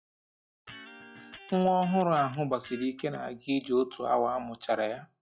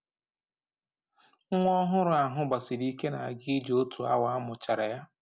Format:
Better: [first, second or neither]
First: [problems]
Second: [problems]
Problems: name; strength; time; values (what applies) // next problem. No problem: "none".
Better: second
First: noise reduction (classical method log-MMSE)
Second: none